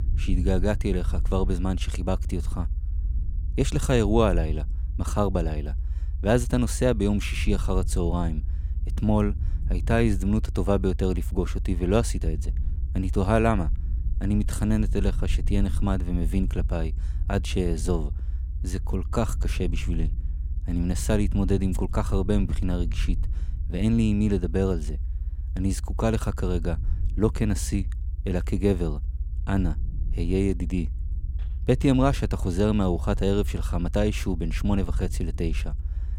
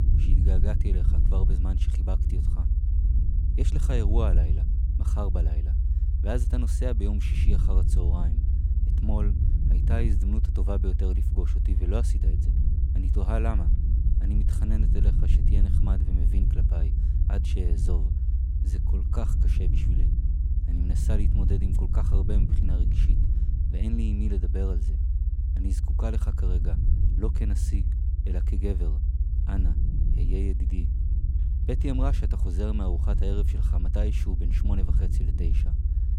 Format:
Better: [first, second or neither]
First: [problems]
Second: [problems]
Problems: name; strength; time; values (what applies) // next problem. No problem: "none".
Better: first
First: low rumble; faint; throughout; 20 dB below the speech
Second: low rumble; loud; throughout; 4 dB below the speech